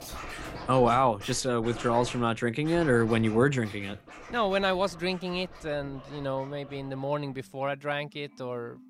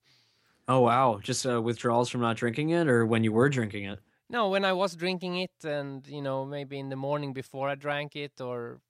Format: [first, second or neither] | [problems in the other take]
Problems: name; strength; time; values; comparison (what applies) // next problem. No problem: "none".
second | background music; noticeable; throughout; 15 dB below the speech